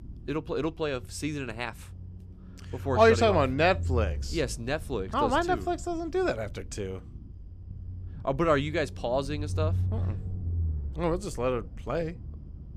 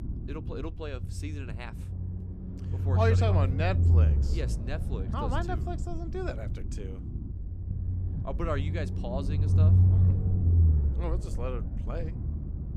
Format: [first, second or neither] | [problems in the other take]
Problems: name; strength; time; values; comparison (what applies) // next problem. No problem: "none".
first | low rumble; loud; throughout; 6 dB below the speech; faint in the first